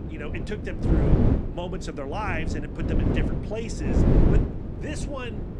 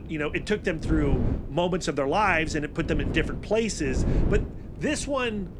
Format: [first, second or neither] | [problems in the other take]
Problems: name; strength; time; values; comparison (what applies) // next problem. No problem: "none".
second | wind noise on the microphone; heavy; 2 dB above the speech; occasional gusts in the second